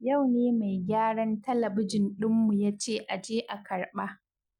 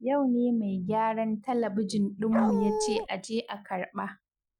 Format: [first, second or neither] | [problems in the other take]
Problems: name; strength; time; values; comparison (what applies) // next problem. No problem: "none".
first | background sound (Dog); 1 dB below the speech